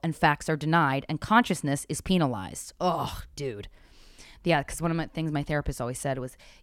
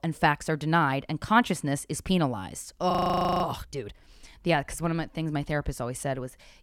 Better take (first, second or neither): first